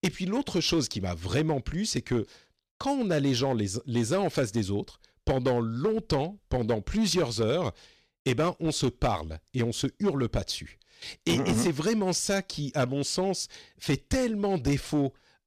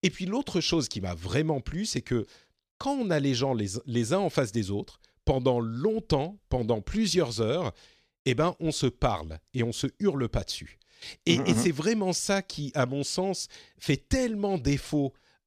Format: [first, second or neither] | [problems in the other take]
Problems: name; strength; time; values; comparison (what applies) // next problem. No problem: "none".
second | distortion; slight; 6% of the sound clipped